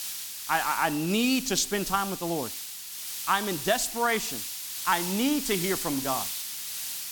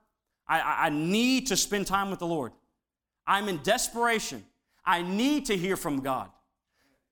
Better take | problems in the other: second | hiss; loud; throughout; 5 dB below the speech

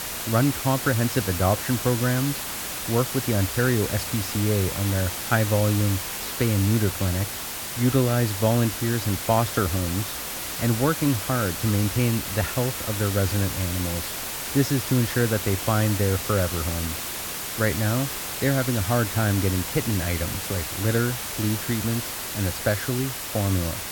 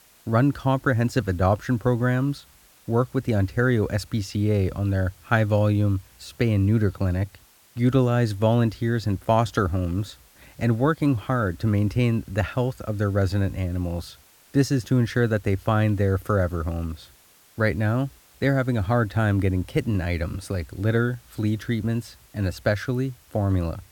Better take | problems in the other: second | hiss; loud; throughout; 4 dB below the speech; faint in the second

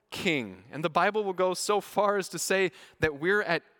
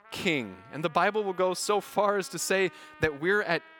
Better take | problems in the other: first | background music; faint; throughout; 25 dB below the speech

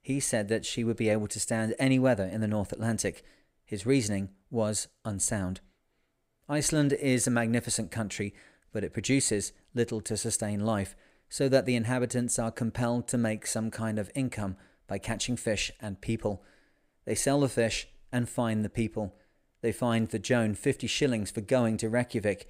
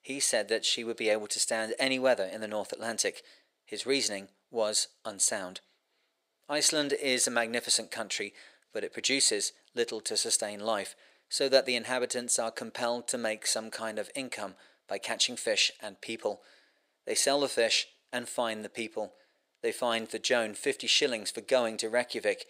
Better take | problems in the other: first | thin; somewhat; fading below 500 Hz

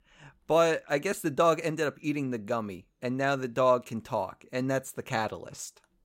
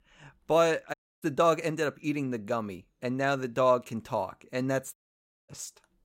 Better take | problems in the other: first | audio cutting out; at 1 s and at 5 s for 0.5 s

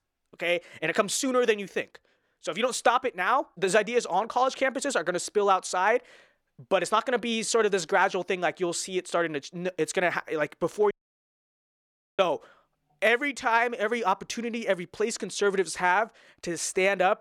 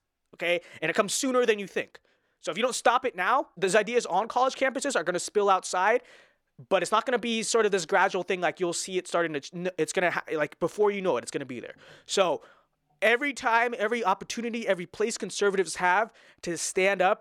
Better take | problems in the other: second | audio cutting out; at 11 s for 1.5 s

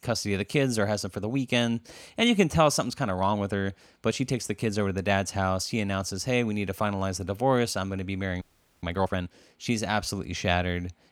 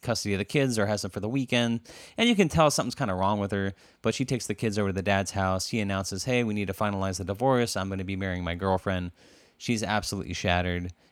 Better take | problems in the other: second | audio freezing; at 8.5 s

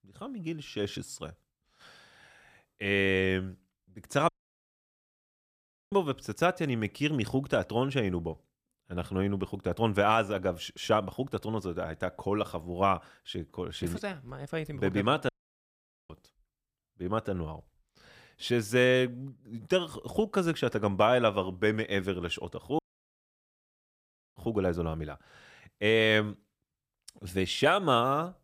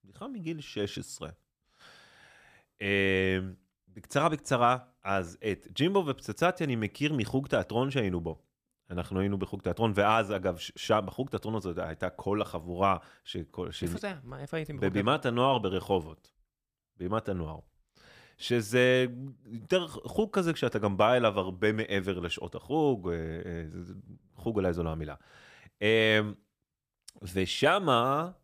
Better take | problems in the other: second | audio cutting out; at 4.5 s for 1.5 s, at 15 s for 1 s and at 23 s for 1.5 s

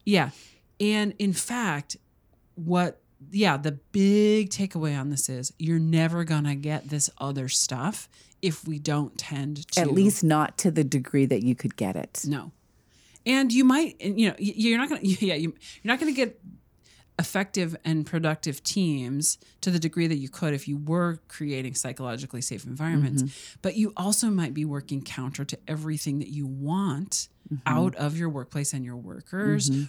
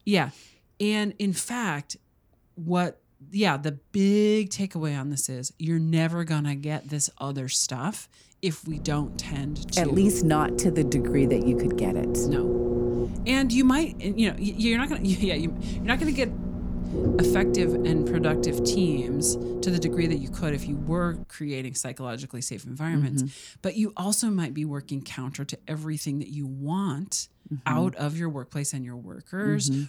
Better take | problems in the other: first | low rumble; loud; from 8.5 to 21 s; 1 dB below the speech

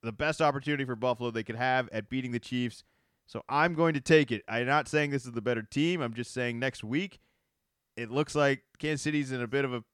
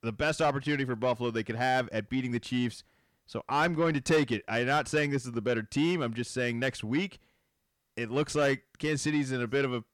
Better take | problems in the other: first | distortion; slight; 10 dB below the speech

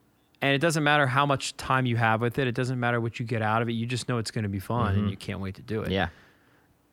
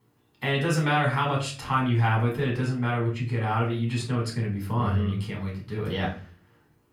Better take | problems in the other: first | off-mic speech; far // room echo; slight; dies away in 0.4 s

